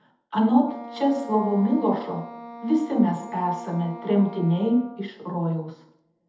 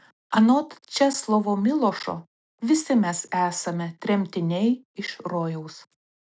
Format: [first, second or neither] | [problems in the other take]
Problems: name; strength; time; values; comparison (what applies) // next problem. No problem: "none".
second | background sound (Wind instrument, woodwind instrument); 17 dB below the speech // room echo; dies away in 0.7 s